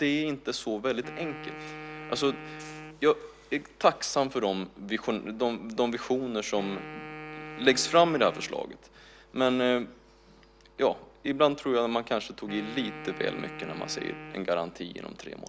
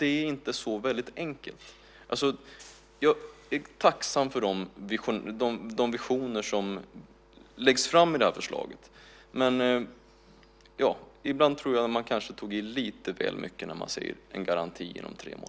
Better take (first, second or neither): second